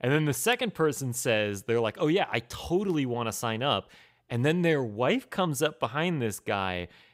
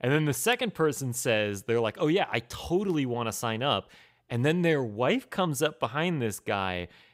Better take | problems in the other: neither | none

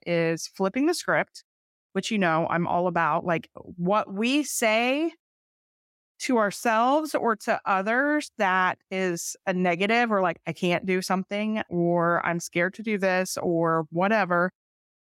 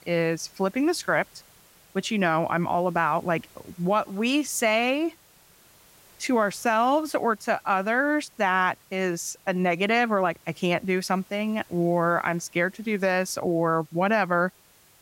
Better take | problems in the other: first | hiss; faint; throughout; 30 dB below the speech

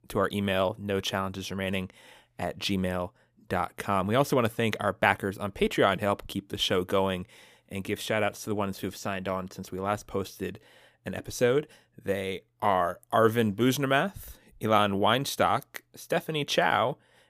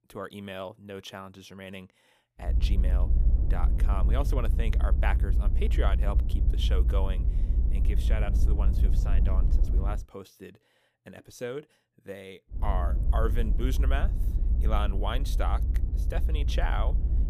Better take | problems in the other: first | low rumble; loud; from 2.5 to 10 s and from 13 s on; 9 dB below the speech

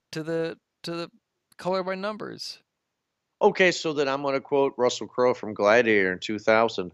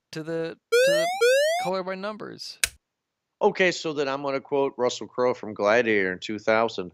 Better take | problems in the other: first | siren; loud; at 0.5 s; peak 6 dB above the speech // keyboard typing; very faint; at 2.5 s; peak 2 dB below the speech

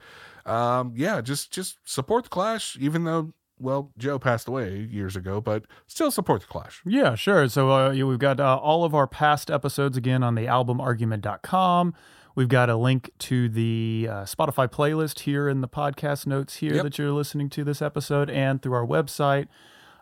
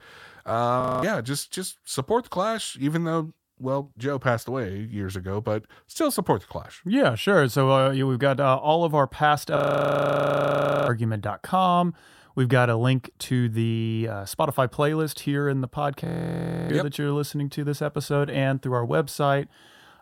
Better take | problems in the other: first | audio freezing; at 1 s, at 9.5 s for 1.5 s and at 16 s for 0.5 s

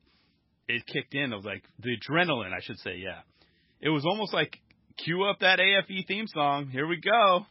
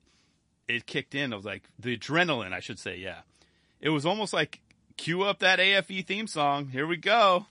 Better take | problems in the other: second | garbled, watery; badly; nothing above 5.5 kHz; slightly in the second

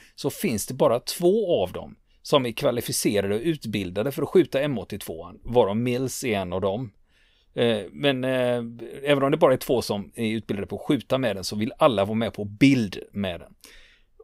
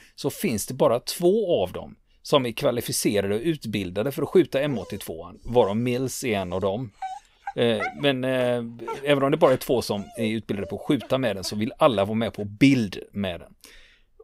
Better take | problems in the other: first | dog barking; noticeable; from 4.5 to 12 s; peak 8 dB below the speech

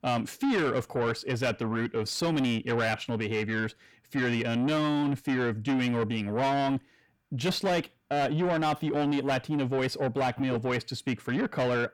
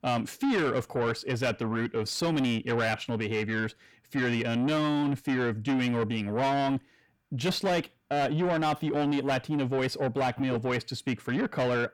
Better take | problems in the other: neither | distortion; heavy; 8 dB below the speech; the same in both

